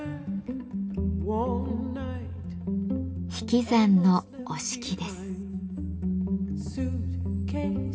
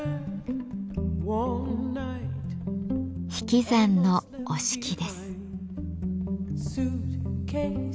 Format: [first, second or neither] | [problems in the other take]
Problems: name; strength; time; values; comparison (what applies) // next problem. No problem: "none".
second | room echo; dies away in 0.3 s